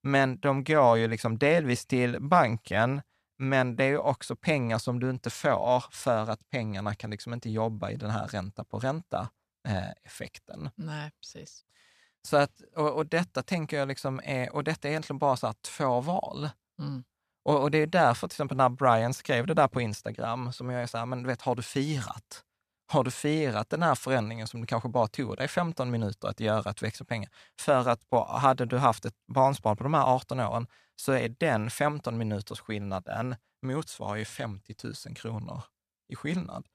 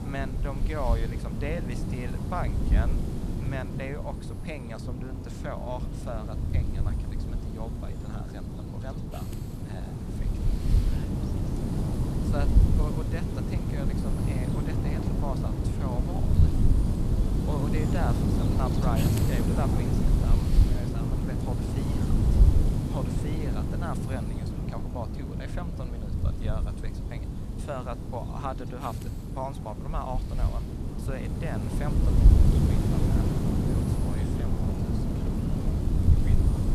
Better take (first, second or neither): first